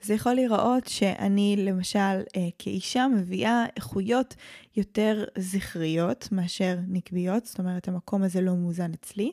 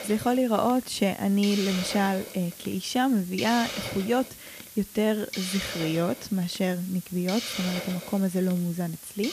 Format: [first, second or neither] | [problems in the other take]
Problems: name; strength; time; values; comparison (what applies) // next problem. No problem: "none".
first | hiss; loud; throughout; 9 dB below the speech